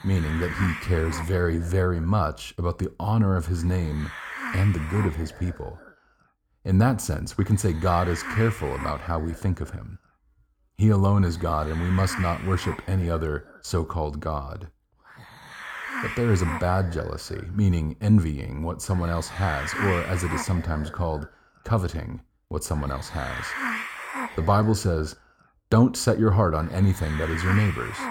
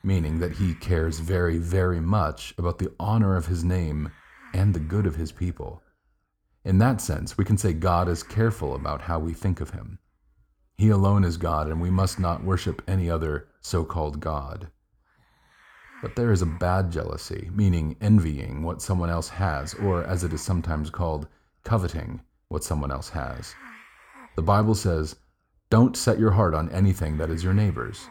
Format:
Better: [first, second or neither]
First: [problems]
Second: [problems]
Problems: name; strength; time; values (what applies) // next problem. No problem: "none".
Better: second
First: hiss; loud; throughout; 9 dB below the speech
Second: hiss; faint; throughout; 25 dB below the speech